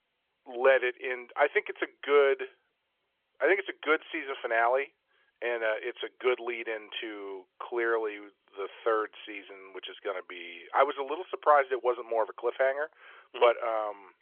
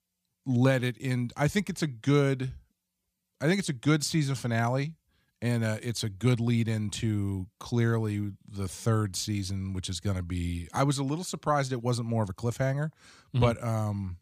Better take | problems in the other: second | phone-call audio; nothing above 3.5 kHz

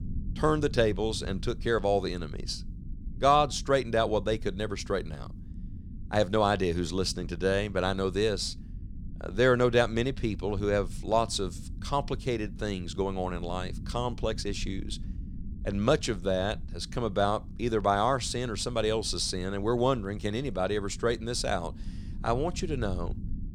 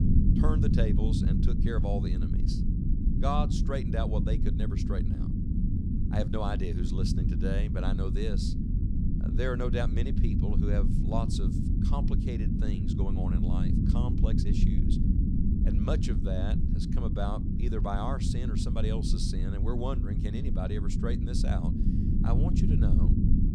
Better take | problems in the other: first | low rumble; loud; throughout; 1 dB below the speech; faint in the first

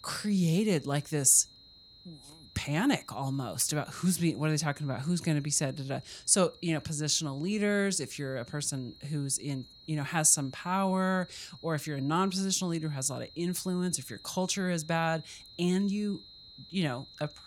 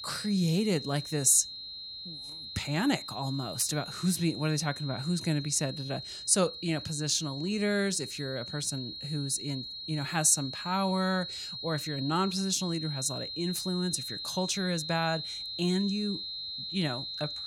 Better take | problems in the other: first | high-pitched whine; loud; throughout; 4 kHz, 7 dB below the speech; faint in the first

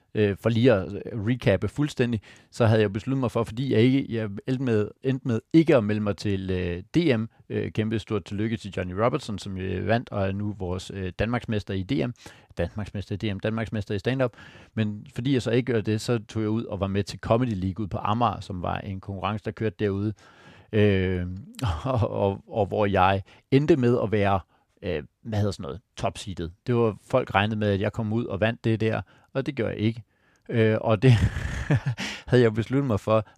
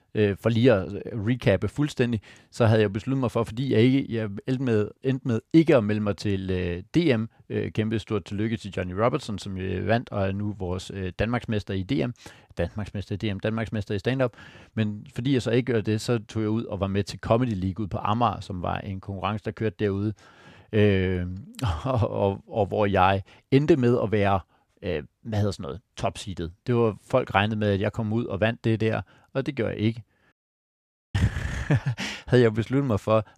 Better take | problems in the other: first | audio cutting out; at 30 s for 1 s

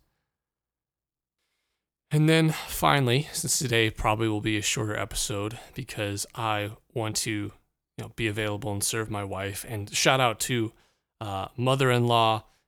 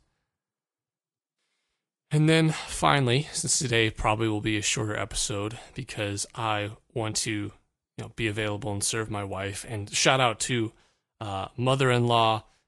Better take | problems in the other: first | garbled, watery; slightly; nothing above 10.5 kHz

